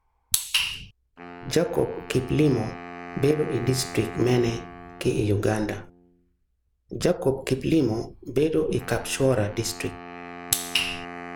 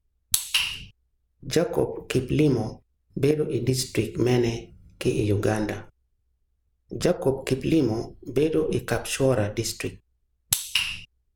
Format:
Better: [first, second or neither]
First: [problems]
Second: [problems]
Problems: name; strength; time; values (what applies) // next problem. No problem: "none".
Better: second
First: background sound (Wind instrument, woodwind instrument); 16 dB below the speech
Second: none